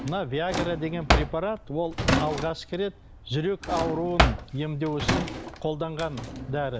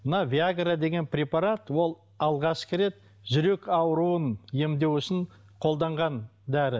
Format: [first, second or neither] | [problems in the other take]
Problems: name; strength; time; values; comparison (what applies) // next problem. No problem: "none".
second | background sound (Drawer open or close); as loud as the speech